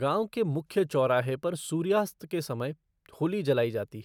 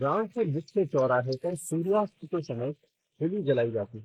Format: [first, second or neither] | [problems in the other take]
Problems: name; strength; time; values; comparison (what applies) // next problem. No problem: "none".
first | noise reduction (neural mask model Resemble Enhance denoiser)